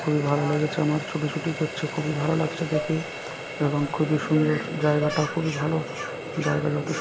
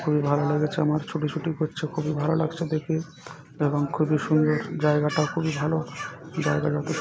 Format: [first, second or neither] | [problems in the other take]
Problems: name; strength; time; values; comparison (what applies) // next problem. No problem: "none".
second | background sound (Dishes, pots, and pans + Water tap, faucet); 9 dB below the speech